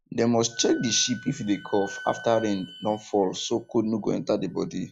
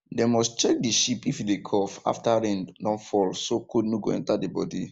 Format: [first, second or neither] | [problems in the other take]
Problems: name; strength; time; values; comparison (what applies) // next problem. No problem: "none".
second | noise reduction (classical method log-MMSE)